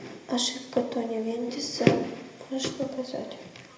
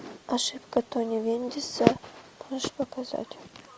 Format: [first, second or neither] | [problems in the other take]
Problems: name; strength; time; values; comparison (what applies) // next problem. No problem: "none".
second | room echo; dies away in 0.8 s